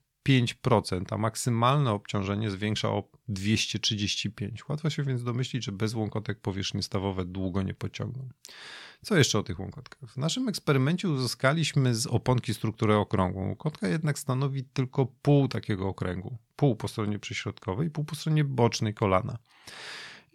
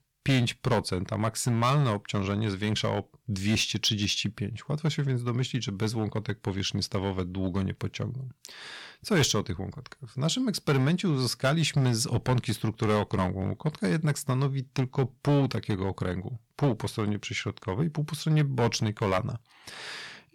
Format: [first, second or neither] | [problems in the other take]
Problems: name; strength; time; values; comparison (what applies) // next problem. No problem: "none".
first | distortion; slight; 4% of the sound clipped